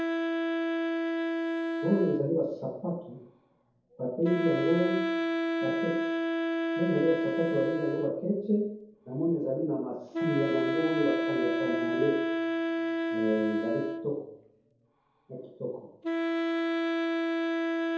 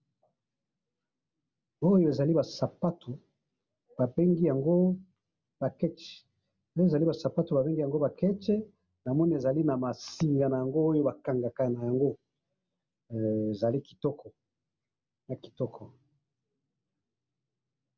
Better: second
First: background sound (Wind instrument, woodwind instrument); 1 dB above the speech // room echo; dies away in 0.7 s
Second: none

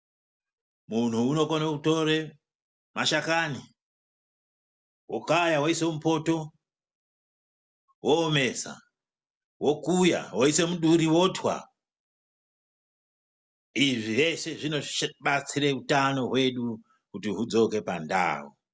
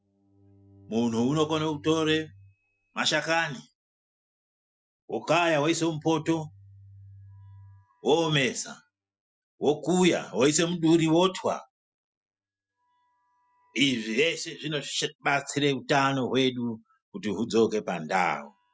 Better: first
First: none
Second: noise reduction (classical method Wiener filter)

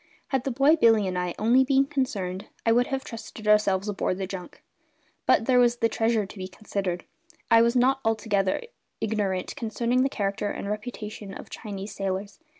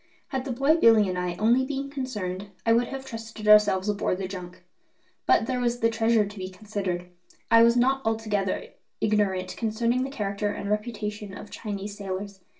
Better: first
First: none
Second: room echo; dies away in 0.2 s

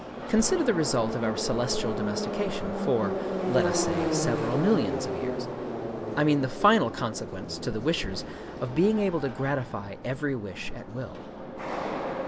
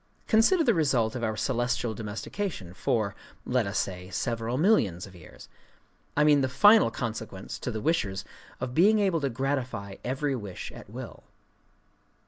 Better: second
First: background sound (Subway, metro, underground); 3 dB below the speech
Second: none

